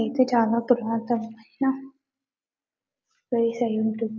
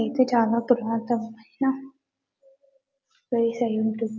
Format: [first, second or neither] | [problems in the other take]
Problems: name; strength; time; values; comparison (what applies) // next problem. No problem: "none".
second | noise reduction (neural mask model Resemble Enhance denoiser)